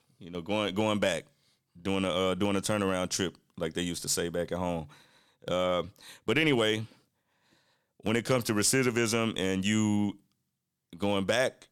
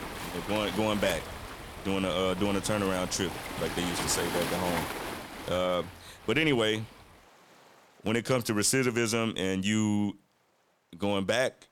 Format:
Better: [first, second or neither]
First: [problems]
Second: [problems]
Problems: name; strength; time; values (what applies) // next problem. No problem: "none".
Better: first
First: none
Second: rain or running water; loud; throughout; 7 dB below the speech